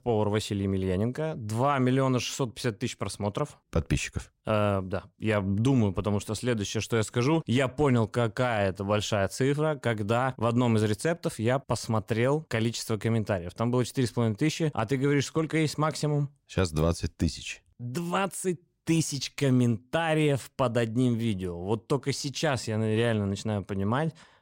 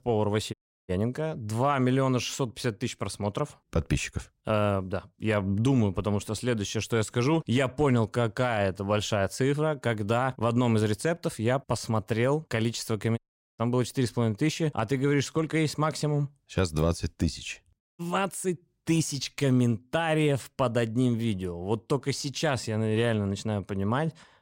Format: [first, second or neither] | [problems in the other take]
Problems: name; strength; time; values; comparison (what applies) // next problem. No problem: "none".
first | audio cutting out; at 0.5 s, at 13 s and at 18 s